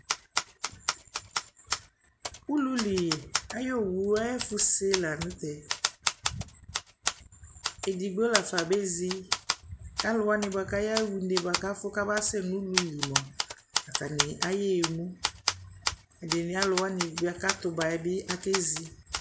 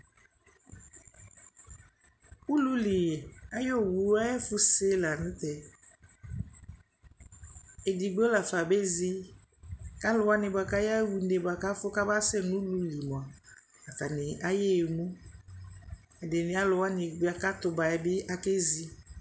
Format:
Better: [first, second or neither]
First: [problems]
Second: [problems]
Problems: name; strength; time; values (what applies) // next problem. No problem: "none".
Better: second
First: background sound (Typewriter); 4 dB below the speech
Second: none